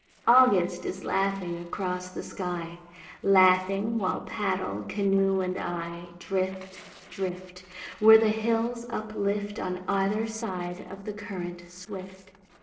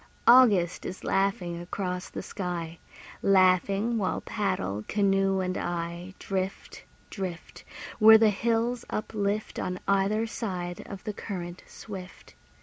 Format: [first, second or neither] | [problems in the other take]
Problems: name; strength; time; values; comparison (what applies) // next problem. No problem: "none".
second | noise reduction (neural separator model SepFormer DNS4)